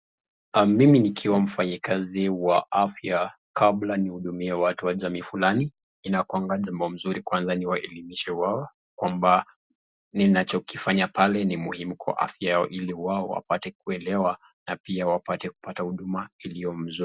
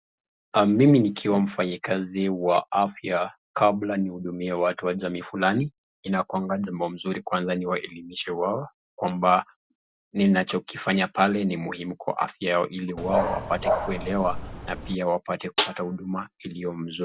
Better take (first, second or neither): first